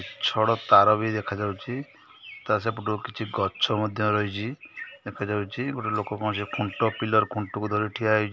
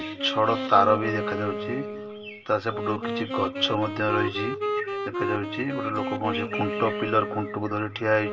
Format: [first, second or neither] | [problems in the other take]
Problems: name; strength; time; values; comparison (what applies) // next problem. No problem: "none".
first | background sound (Wind instrument, woodwind instrument); 5 dB below the speech // room echo; dies away in 1.4 s